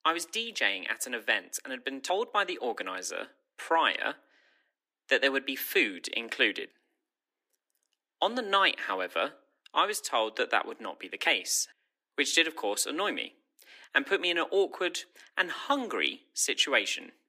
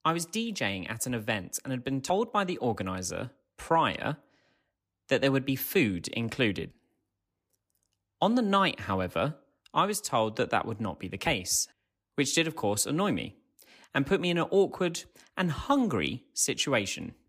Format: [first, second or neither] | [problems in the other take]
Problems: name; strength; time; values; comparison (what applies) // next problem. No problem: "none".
second | thin; somewhat; fading below 300 Hz